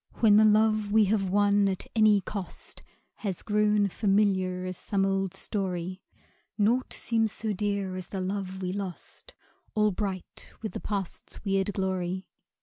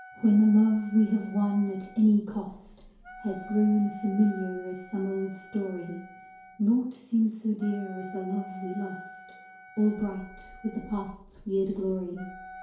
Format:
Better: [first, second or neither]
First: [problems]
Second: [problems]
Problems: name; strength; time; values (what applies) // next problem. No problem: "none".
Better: first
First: none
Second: background sound (Wind instrument, woodwind instrument); 19 dB below the speech // room echo; dies away in 2.4 s